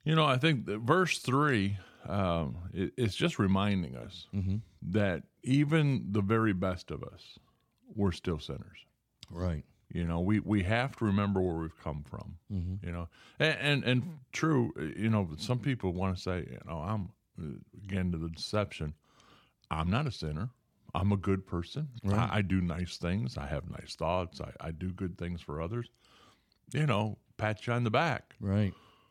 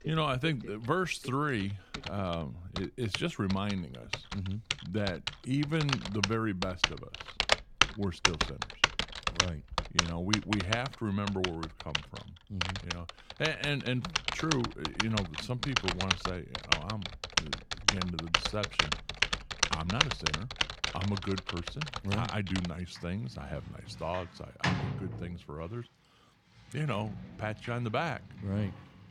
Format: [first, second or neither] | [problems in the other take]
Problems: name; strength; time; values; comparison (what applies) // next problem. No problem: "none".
first | household noises; very loud; throughout; 3 dB above the speech